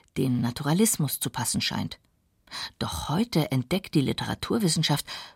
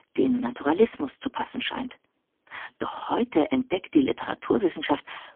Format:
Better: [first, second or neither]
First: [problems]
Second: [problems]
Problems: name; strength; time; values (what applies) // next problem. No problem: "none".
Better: first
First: none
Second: phone-call audio; poor line; nothing above 3.5 kHz